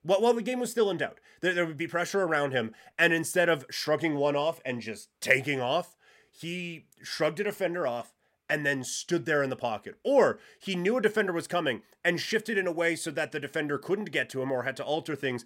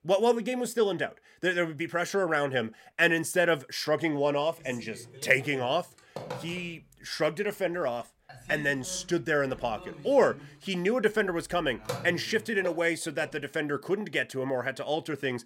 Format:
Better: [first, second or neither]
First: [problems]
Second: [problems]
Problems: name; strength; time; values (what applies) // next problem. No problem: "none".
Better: first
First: none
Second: phone ringing; noticeable; from 4.5 to 13 s; peak 8 dB below the speech